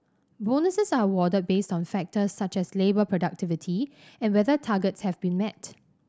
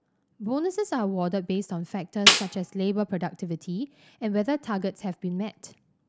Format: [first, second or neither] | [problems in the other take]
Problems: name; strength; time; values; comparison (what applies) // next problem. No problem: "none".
first | background sound (Snare drum); 4 dB above the speech